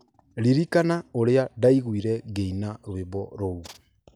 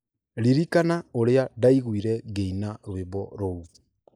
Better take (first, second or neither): first